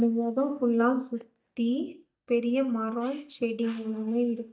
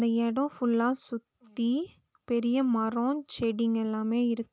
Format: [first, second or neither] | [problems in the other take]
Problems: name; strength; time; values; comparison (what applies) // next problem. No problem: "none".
second | noise reduction (neural mask model DeepFilterNet 3)